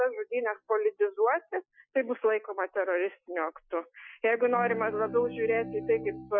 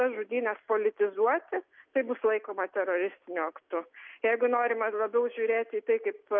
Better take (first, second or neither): second